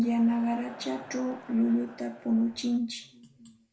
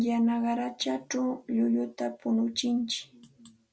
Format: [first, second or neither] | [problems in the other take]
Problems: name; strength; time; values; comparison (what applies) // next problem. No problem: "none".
second | background sound (Crowd); 18 dB below the speech // room echo; dies away in 0.4 s